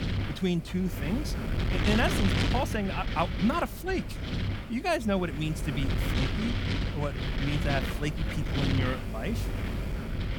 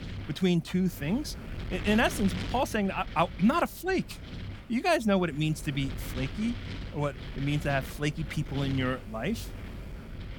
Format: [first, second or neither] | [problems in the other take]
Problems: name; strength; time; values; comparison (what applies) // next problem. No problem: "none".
second | wind noise on the microphone; heavy; 3 dB below the speech; occasional gusts in the second